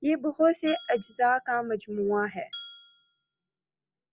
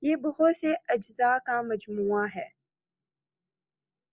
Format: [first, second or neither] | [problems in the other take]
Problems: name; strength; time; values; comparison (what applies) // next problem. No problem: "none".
second | background sound (Glass); 19 dB below the speech